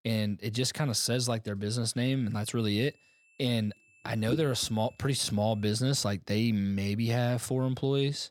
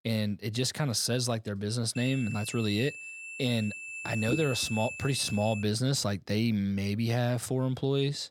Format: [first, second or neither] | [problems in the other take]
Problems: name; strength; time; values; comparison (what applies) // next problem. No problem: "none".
first | high-pitched whine; loud; from 2 to 5.5 s; 2.5 kHz, 9 dB below the speech; faint in the first